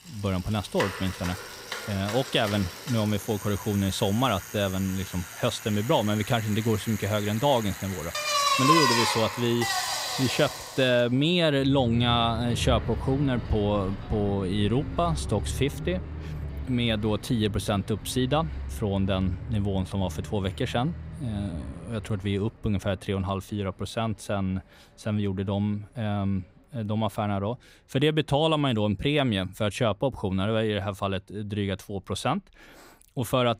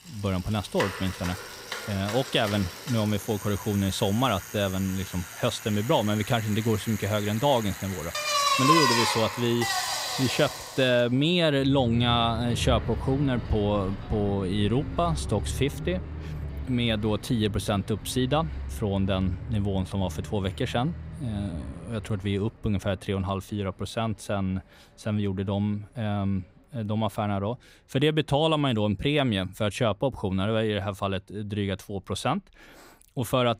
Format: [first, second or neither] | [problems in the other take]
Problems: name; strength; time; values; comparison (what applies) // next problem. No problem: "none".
neither | traffic noise; loud; throughout; 5 dB below the speech; the same in both